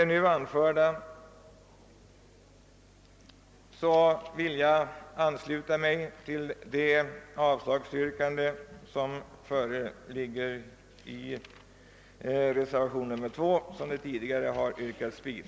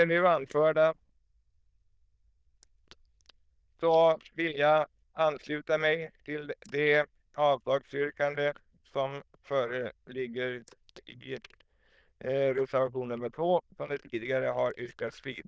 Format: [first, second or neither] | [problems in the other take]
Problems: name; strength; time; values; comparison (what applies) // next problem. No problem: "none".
first | noise reduction (neural diffusion model UNIVERSE++)